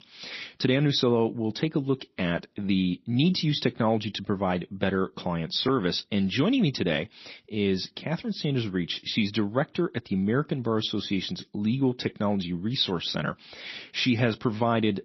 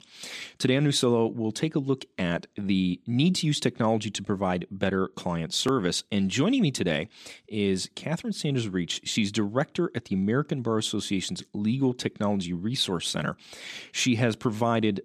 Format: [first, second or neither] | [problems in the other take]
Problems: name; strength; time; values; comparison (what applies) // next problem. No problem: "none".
second | garbled, watery; slightly; nothing above 5.5 kHz